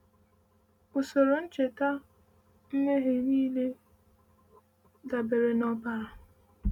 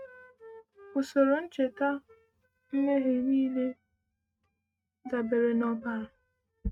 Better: first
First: none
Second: noise reduction (neural mask model RNNoise)

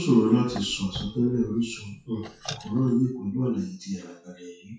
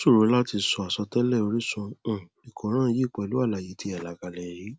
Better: second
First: noise reduction (classical method WPE with log-MMSE)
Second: none

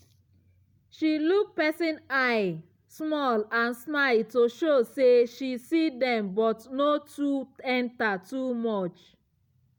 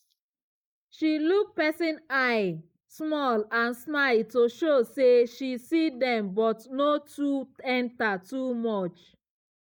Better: first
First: none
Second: noise reduction (neural mask model Resemble Enhance denoiser)

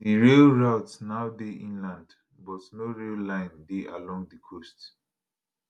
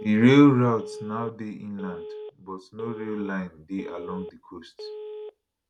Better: first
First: none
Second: background sound (Telephone); 15 dB below the speech

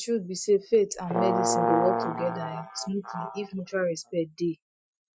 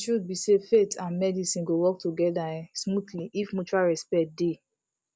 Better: second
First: noise reduction (classical method Wiener filter)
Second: none

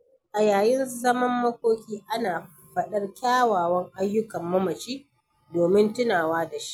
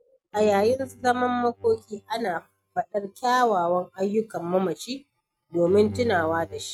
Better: first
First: none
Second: noise reduction (neural mask model RNNoise)

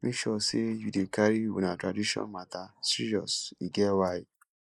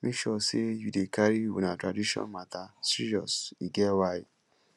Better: second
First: noise reduction (neural mask model Resemble Enhance denoiser)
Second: none

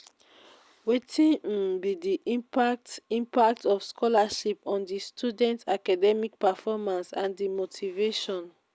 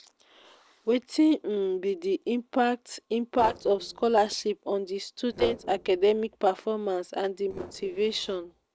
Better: first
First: none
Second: noise reduction (neural separator model SepFormer DNS4)

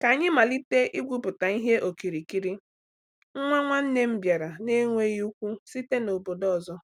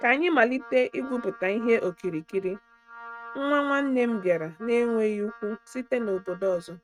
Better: first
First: none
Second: noise reduction (neural mask model RNNoise)

